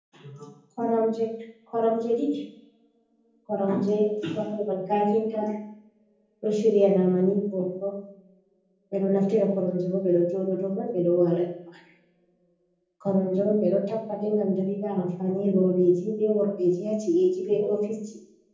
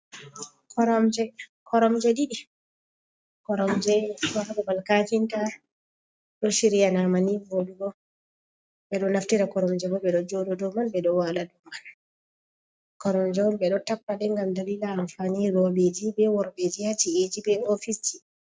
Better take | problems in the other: second | room echo; dies away in 0.7 s

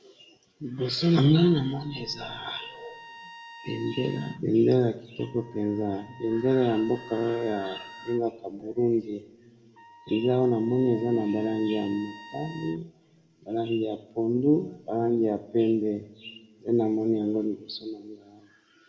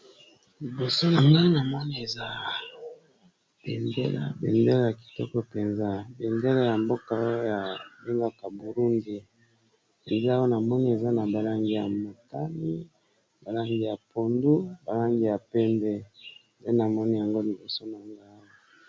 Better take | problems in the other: second | background sound (Trumpet); 20 dB below the speech // room echo; dies away in 0.8 s

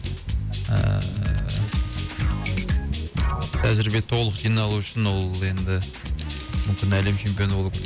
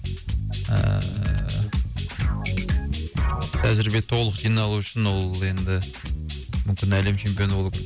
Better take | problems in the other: second | background sound (Car); 19 dB below the speech

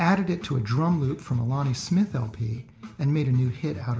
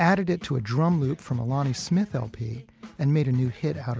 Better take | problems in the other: second | room echo; dies away in 1.6 s

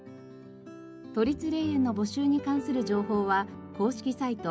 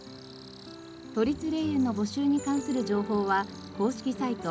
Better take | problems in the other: first | background sound (Cricket); 18 dB below the speech

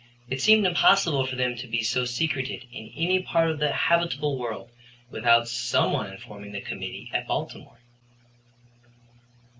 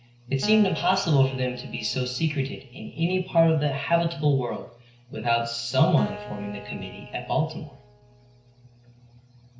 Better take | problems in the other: first | background sound (Acoustic guitar); 16 dB below the speech // room echo; dies away in 0.5 s

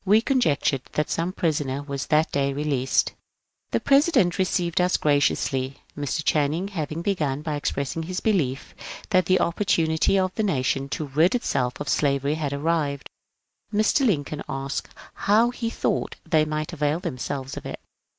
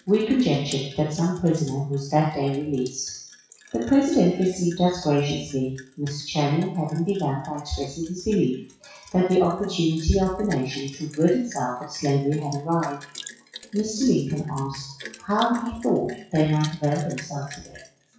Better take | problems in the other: first | noise reduction (classical method WPE with log-MMSE)

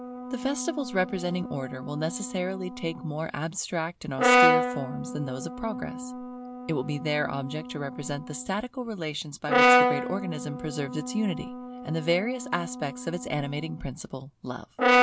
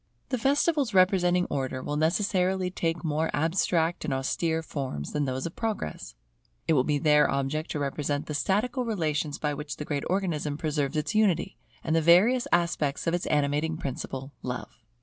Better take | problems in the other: second | background sound (Brass instrument); 3 dB above the speech

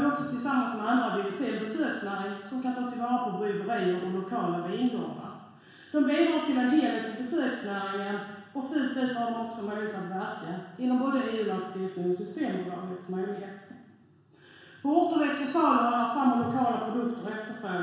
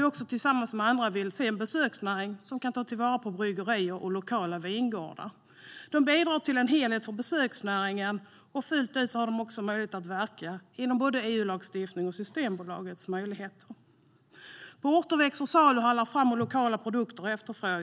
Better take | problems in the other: second | room echo; dies away in 1.1 s

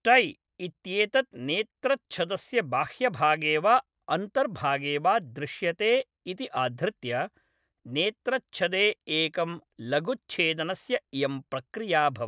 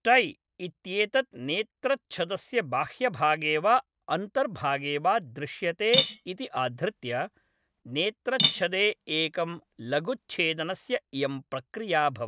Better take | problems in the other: first | background sound (Cutlery, silverware / Dishes, pots, and pans); 4 dB below the speech

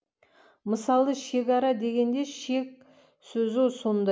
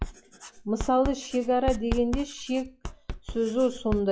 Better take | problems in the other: first | noise reduction (classical method log-MMSE)

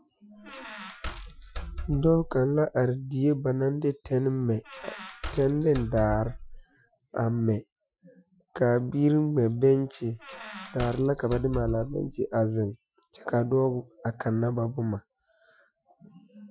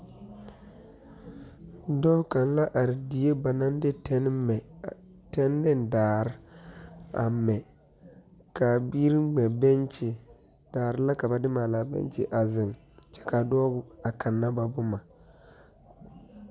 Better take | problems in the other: second | noise reduction (classical method Wiener filter)

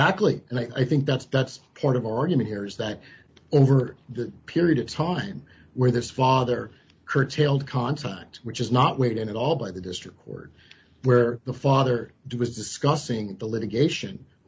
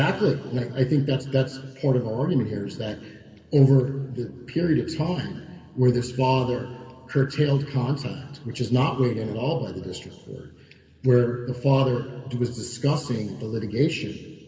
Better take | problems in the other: first | room echo; dies away in 1.8 s

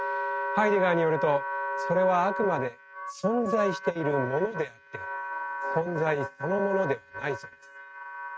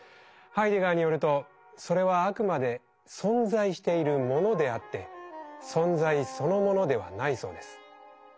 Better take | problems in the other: second | noise reduction (neural mask model RNNoise)

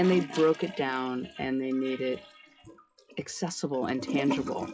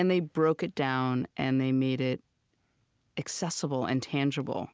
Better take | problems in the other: second | noise reduction (classical method WPE with log-MMSE)

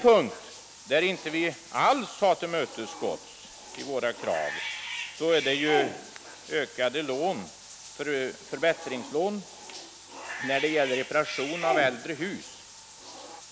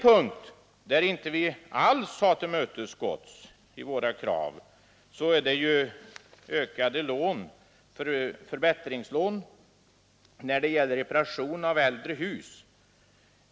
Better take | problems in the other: second | background sound (Bathtub (filling or washing) / Cat); 10 dB below the speech

